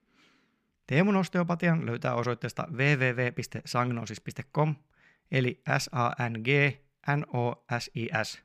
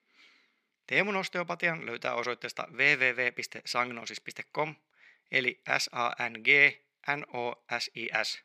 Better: first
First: none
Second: thin; somewhat; fading below 350 Hz

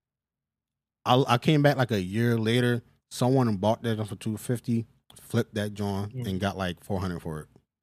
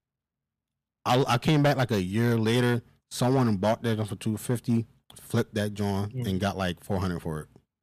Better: first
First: none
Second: distortion; slight; 4% of the sound clipped

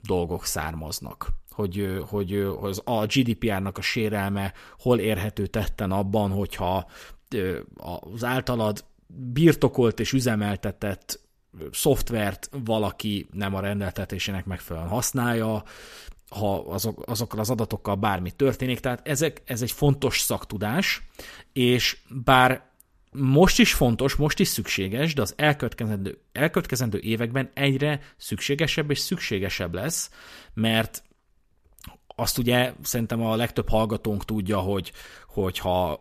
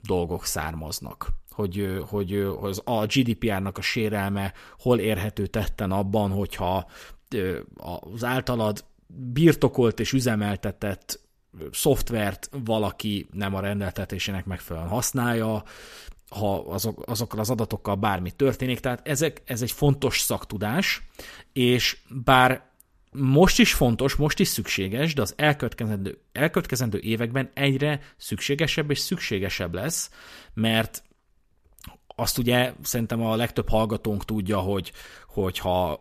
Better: neither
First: none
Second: none

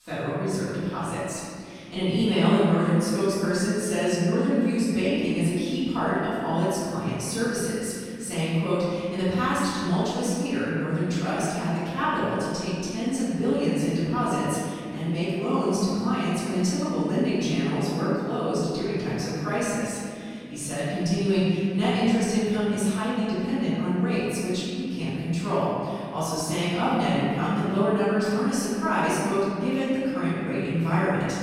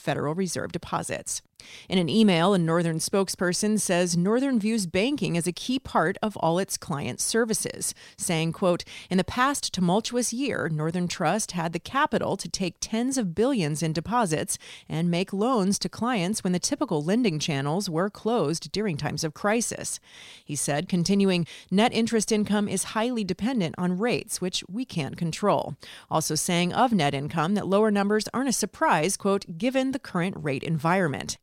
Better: second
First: off-mic speech; far // room echo; strong; dies away in 2.7 s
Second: none

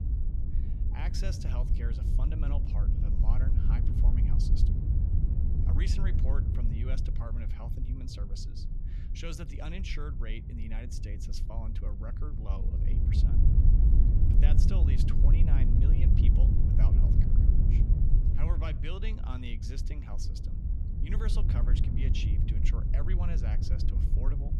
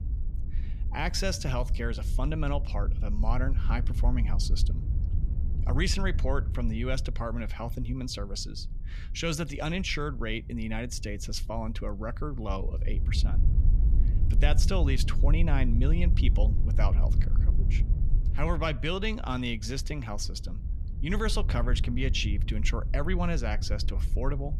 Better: second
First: wind noise on the microphone; heavy; as loud as the speech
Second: wind noise on the microphone; occasional gusts; 15 dB below the speech

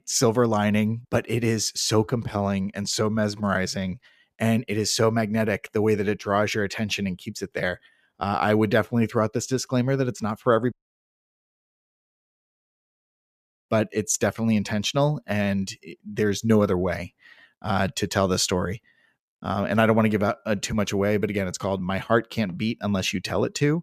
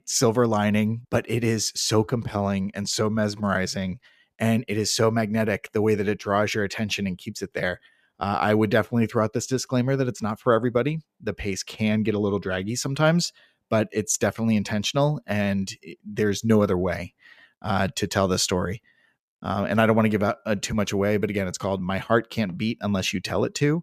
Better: second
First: audio cutting out; at 11 s for 3 s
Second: none

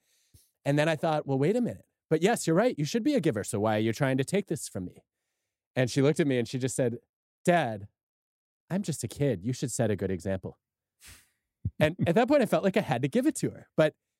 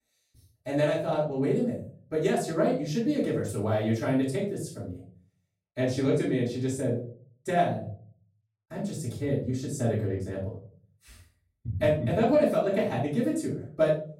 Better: first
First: none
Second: off-mic speech; far // room echo; noticeable; dies away in 0.4 s

